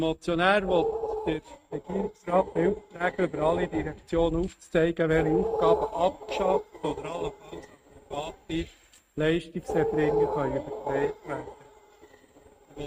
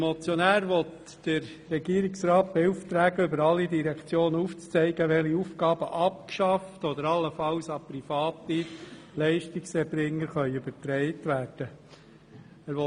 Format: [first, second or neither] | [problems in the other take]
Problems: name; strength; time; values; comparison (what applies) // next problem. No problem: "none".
second | noise reduction (neural mask model RNNoise)